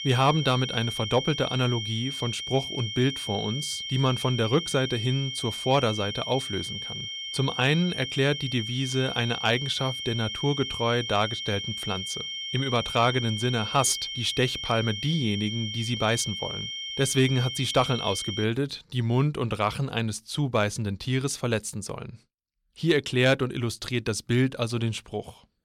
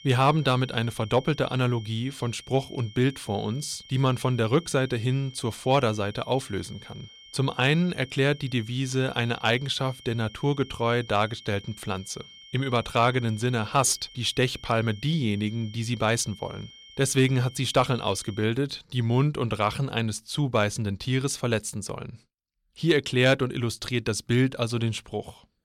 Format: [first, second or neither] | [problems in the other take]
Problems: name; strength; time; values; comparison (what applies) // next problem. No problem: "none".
second | high-pitched whine; loud; until 18 s; 3 kHz, 5 dB below the speech; faint in the second